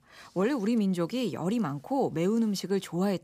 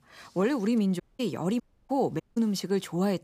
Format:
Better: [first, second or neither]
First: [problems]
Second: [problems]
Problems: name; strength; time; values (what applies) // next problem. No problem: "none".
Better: first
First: none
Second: audio cutting out; at 1 s, at 1.5 s and at 2 s